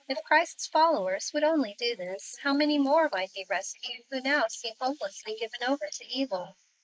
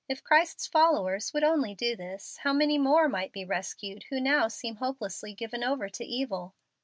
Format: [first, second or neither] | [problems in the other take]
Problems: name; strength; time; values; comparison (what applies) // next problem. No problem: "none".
second | noise reduction (neural mask model Resemble Enhance denoiser)